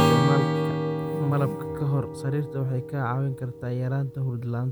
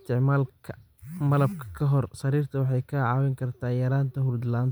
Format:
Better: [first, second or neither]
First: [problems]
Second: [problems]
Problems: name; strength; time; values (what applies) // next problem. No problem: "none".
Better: second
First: background sound (Acoustic guitar / Strum); as loud as the speech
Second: none